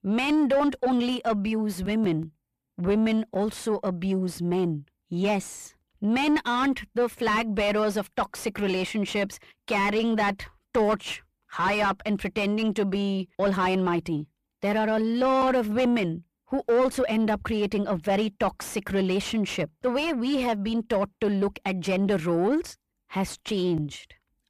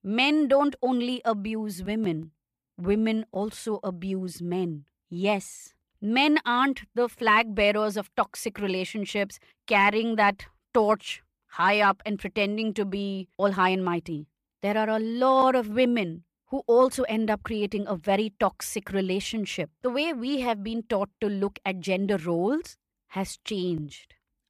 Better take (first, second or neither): second